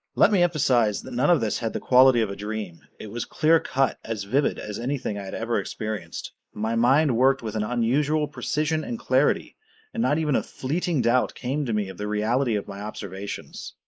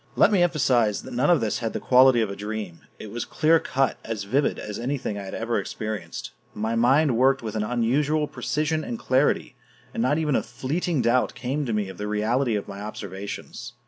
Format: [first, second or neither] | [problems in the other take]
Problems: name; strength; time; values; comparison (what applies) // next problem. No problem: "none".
second | noise reduction (neural mask model Resemble Enhance denoiser)